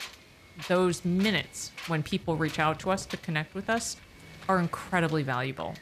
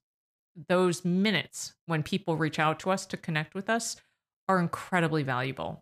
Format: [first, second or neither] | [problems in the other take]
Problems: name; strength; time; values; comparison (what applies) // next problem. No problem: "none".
second | wind noise on the microphone; occasional gusts; 15 dB below the speech